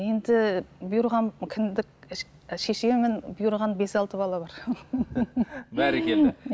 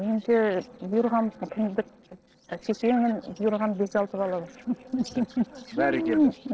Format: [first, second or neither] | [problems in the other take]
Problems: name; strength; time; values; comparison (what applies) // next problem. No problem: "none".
first | noise reduction (neural separator model SepFormer DNS4)